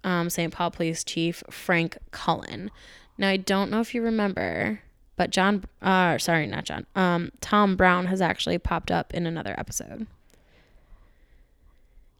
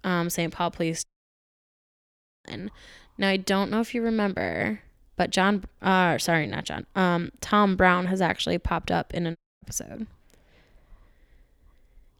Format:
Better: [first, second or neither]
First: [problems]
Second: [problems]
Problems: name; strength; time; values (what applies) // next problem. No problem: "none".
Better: first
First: none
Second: audio cutting out; at 1 s for 1.5 s and at 9.5 s